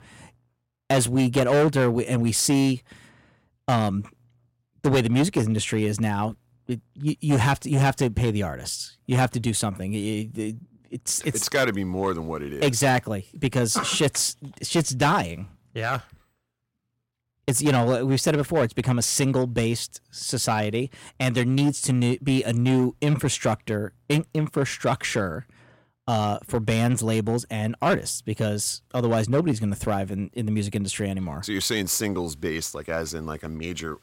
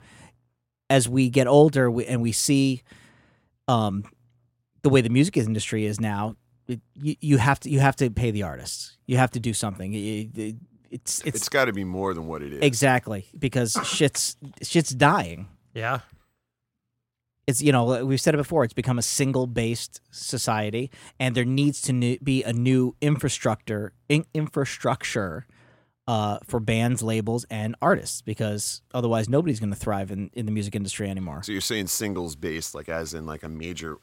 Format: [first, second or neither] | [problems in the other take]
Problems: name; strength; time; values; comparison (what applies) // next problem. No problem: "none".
second | distortion; slight; 5% of the sound clipped